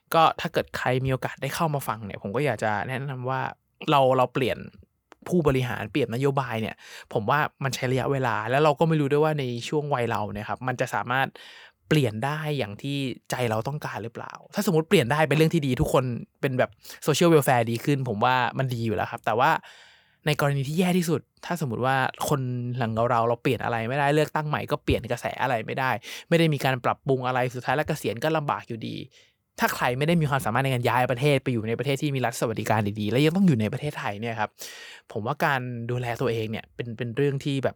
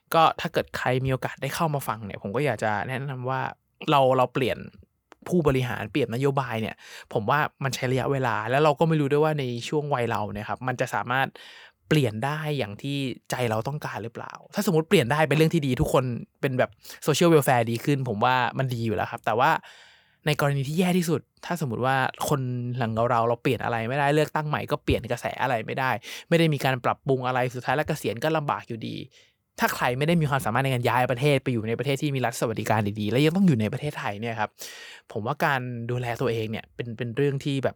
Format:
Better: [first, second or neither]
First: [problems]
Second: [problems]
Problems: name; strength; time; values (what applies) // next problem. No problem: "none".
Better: neither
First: none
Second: none